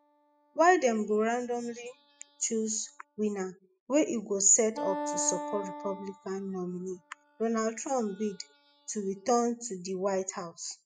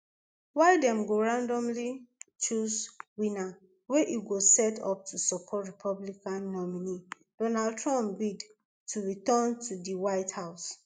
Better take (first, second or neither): second